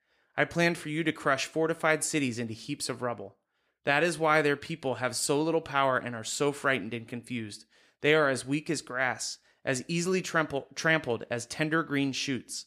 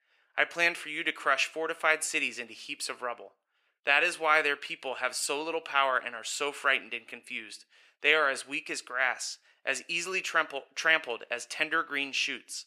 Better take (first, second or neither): first